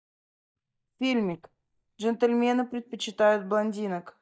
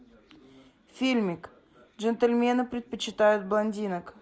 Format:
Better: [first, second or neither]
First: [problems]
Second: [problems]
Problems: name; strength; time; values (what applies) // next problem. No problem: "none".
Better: second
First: noise reduction (neural mask model DeepFilterNet 3)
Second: none